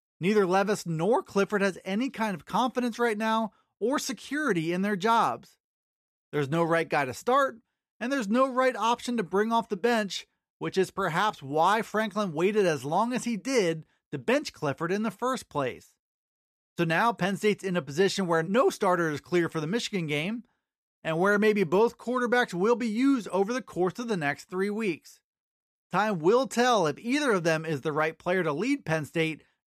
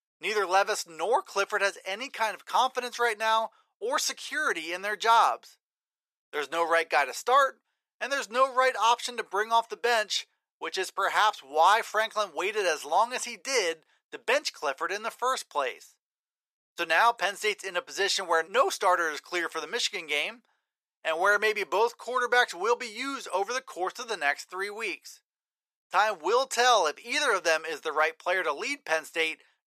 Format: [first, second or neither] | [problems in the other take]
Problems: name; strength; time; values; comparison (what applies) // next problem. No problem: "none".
first | thin; very; fading below 550 Hz